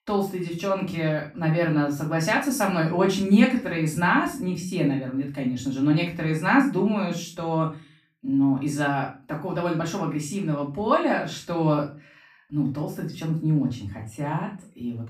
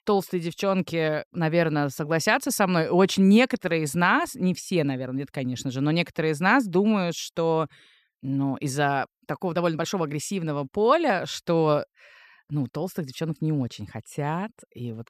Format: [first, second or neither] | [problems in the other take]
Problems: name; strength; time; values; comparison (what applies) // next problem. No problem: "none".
second | off-mic speech; far // room echo; slight; dies away in 0.3 s